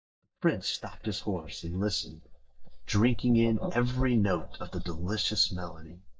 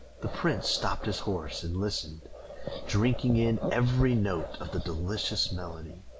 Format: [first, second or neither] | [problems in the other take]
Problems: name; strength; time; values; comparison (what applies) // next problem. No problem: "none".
second | noise reduction (neural mask model DeepFilterNet 3)